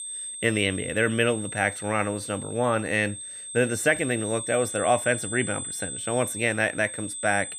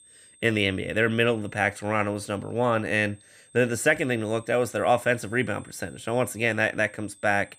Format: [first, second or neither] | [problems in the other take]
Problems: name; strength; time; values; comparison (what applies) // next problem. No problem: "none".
second | high-pitched whine; loud; throughout; 8.5 kHz, 7 dB below the speech; faint in the second